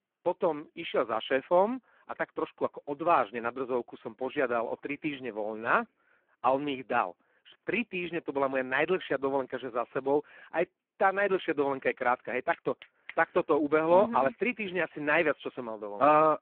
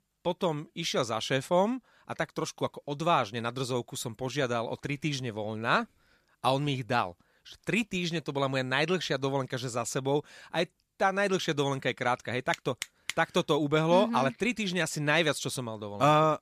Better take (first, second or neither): second